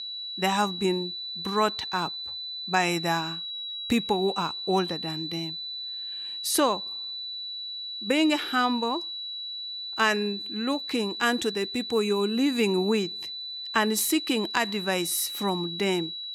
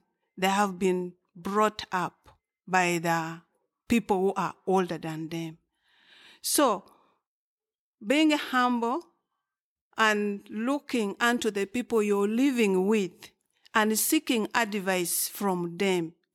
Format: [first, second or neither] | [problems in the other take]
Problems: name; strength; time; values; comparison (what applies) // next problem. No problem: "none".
second | high-pitched whine; loud; throughout; 4 kHz, 6 dB below the speech